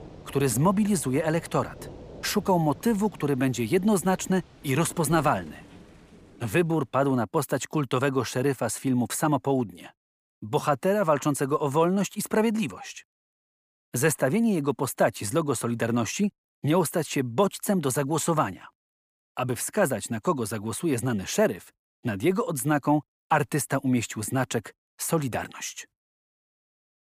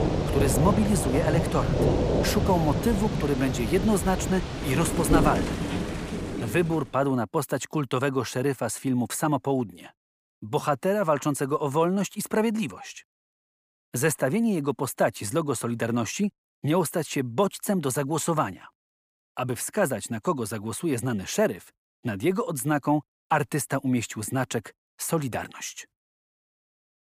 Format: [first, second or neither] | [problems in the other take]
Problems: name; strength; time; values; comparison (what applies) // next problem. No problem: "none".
first | rain or running water; loud; until 6.5 s; 1 dB below the speech; faint in the first